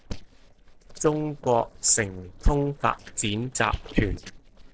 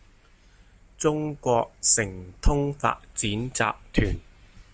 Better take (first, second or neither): second